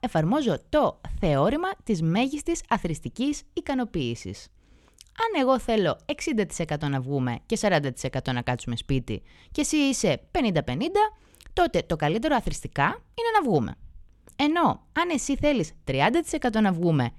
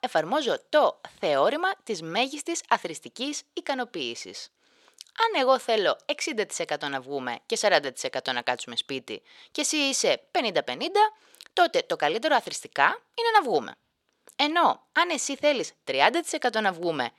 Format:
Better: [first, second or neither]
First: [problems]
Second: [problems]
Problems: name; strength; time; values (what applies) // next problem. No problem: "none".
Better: first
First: none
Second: thin; somewhat; fading below 500 Hz